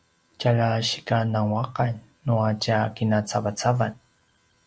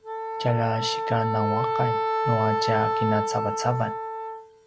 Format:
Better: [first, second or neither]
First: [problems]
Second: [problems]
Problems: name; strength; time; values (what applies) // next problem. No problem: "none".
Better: first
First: none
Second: background sound (Wind instrument, woodwind instrument); as loud as the speech